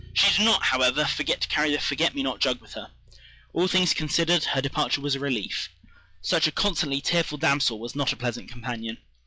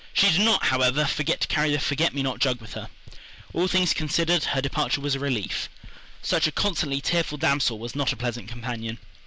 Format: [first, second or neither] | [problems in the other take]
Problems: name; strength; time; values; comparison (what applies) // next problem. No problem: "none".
second | noise reduction (classical method log-MMSE)